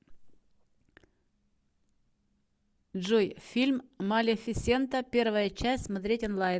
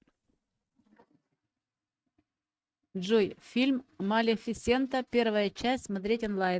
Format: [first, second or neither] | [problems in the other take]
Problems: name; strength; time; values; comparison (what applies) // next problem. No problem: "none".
first | noise reduction (neural mask model RNNoise)